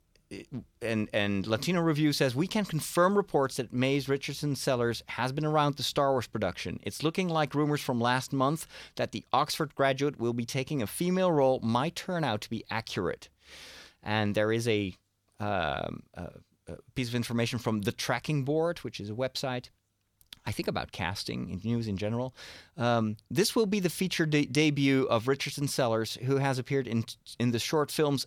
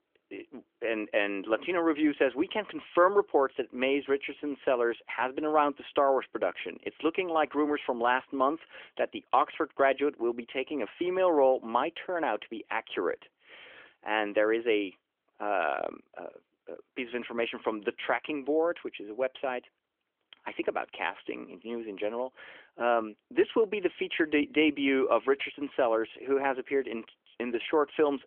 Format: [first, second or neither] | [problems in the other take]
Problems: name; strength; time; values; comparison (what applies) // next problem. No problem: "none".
first | phone-call audio; nothing above 3.5 kHz